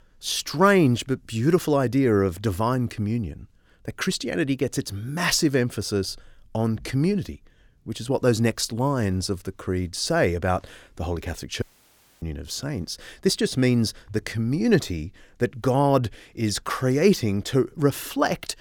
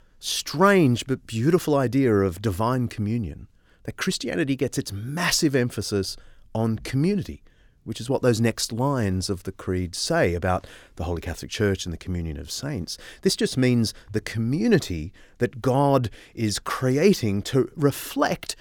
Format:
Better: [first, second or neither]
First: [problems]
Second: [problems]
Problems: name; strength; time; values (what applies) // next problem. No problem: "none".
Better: second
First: audio cutting out; at 12 s for 0.5 s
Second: none